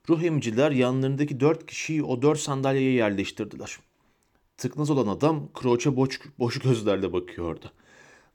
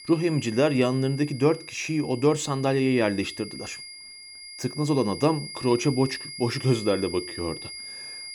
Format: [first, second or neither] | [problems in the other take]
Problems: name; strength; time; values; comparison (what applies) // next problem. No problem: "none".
first | high-pitched whine; noticeable; throughout; 5 kHz, 10 dB below the speech